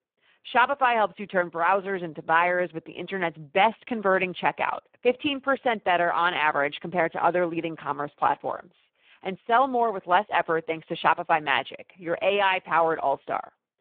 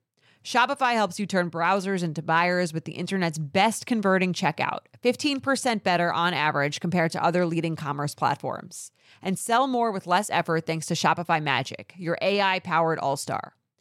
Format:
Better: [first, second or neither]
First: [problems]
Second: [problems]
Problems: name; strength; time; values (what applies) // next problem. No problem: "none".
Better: second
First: phone-call audio; poor line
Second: none